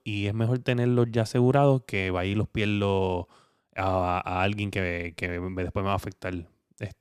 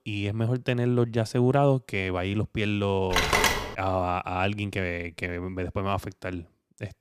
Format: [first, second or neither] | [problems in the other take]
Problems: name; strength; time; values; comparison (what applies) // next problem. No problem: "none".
first | phone ringing; loud; at 3 s; peak 6 dB above the speech